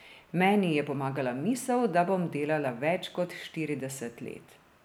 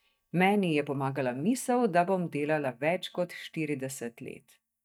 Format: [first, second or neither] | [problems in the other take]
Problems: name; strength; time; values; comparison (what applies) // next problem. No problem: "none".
first | noise reduction (neural mask model DeepFilterNet 3)